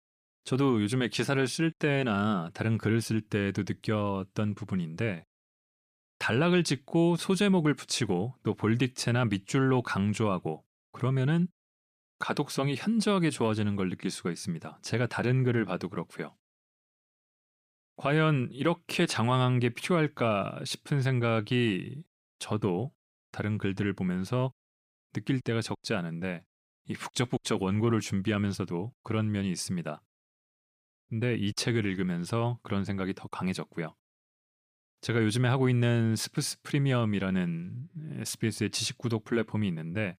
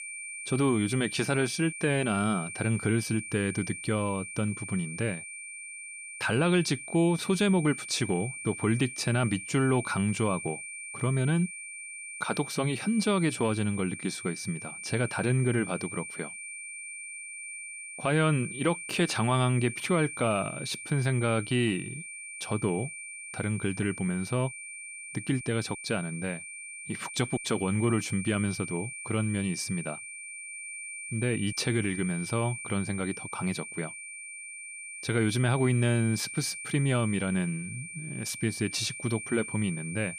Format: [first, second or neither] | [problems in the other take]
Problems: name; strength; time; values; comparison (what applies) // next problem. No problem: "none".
first | high-pitched whine; loud; throughout; 2.5 kHz, 9 dB below the speech